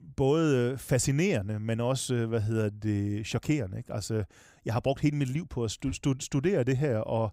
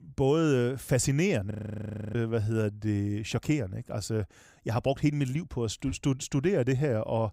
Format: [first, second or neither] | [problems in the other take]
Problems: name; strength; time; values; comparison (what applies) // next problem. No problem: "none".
first | audio freezing; at 1.5 s for 0.5 s